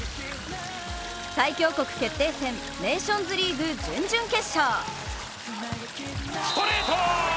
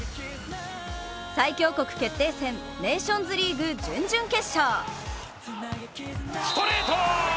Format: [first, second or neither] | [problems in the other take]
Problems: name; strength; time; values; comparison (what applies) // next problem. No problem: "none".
second | background sound (Stream); 12 dB below the speech